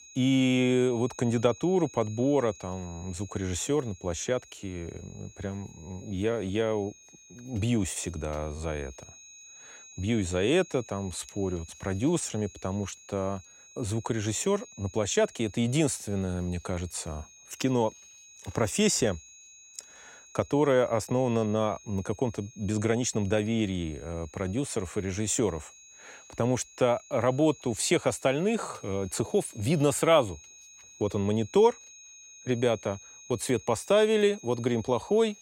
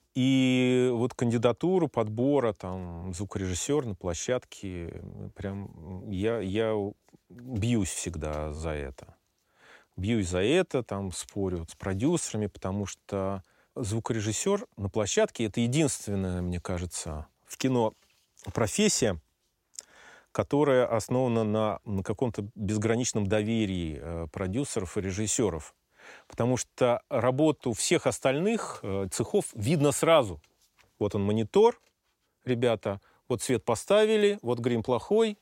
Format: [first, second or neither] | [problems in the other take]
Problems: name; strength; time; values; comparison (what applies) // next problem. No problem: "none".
second | high-pitched whine; faint; throughout; 6.5 kHz, 20 dB below the speech